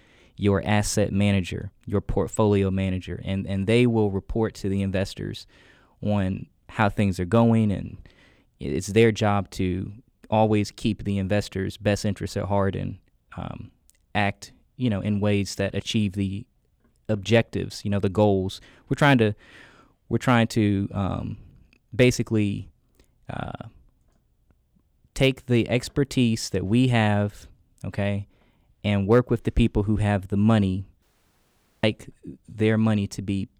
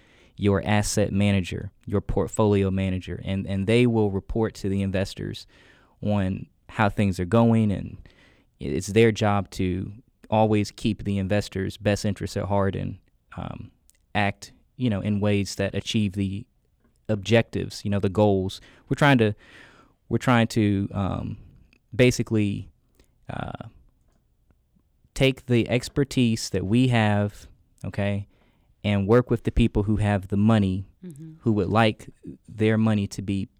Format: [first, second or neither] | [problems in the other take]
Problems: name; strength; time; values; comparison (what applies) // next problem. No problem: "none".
second | audio cutting out; at 31 s for 1 s